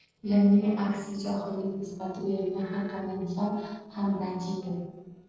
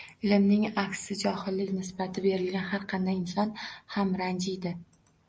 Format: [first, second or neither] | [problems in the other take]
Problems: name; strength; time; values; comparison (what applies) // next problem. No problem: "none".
second | noise reduction (neural separator model SepFormer DNS4)